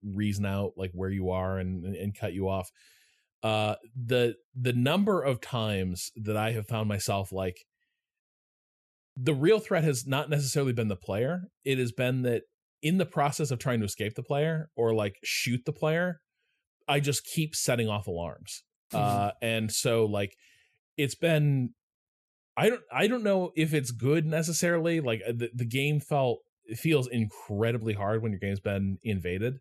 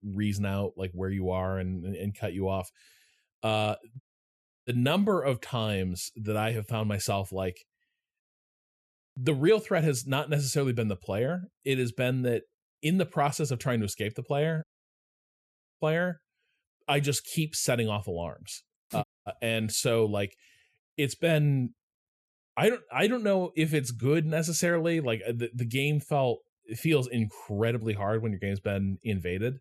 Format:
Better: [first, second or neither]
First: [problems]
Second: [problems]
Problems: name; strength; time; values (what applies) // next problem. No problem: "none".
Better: first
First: none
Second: audio cutting out; at 4 s for 0.5 s, at 15 s for 1 s and at 19 s